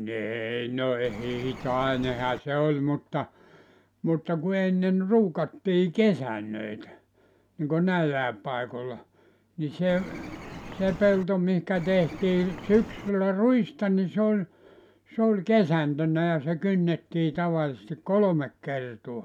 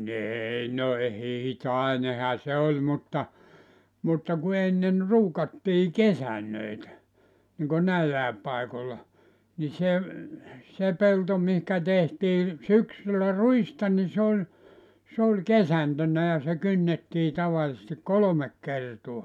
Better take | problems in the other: second | background sound (Bird); 14 dB below the speech

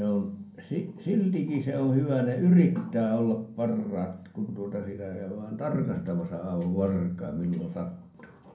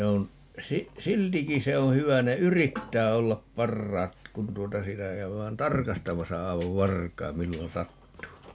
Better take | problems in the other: second | room echo; dies away in 0.6 s

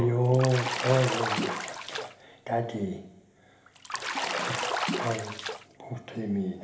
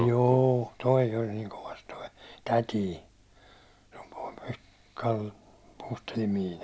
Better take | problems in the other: second | background sound (Bathtub (filling or washing) / Splash, splatter); 2 dB below the speech // room echo; dies away in 0.7 s

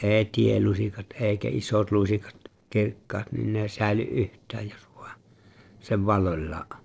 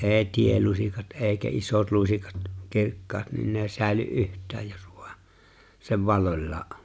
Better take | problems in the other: second | noise reduction (neural separator model SepFormer DNS4)

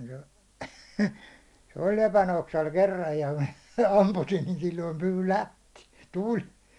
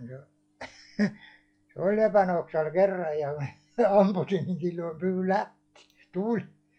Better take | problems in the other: first | noise reduction (classical method log-MMSE)

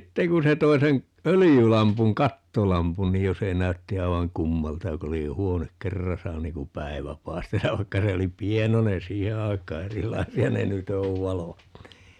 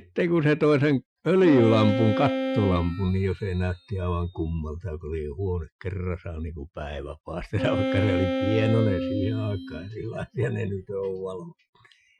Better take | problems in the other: first | noise reduction (classical method Wiener filter)

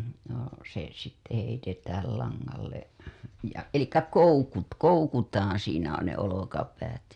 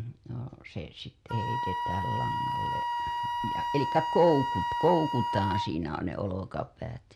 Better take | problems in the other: first | background sound (Wind instrument, woodwind instrument); 2 dB below the speech

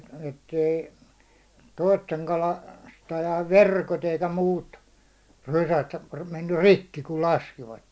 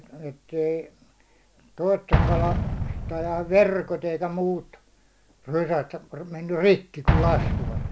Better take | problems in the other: first | background sound (Explosion); 2 dB below the speech

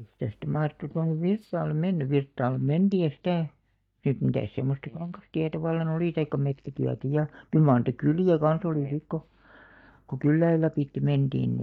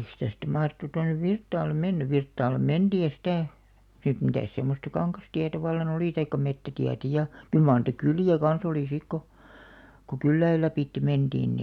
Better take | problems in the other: second | noise reduction (neural mask model DeepFilterNet 3)

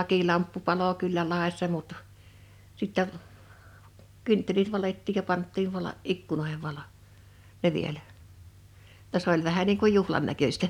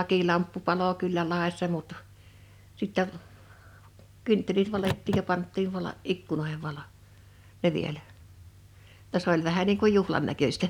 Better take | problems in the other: first | background sound (Car); 10 dB below the speech

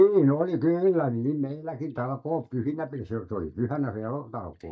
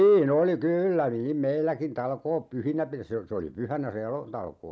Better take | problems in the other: second | noise reduction (neural mask model DeepFilterNet 3)

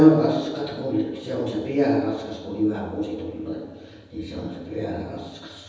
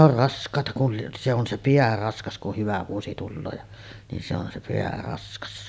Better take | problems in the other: second | room echo; dies away in 1.1 s

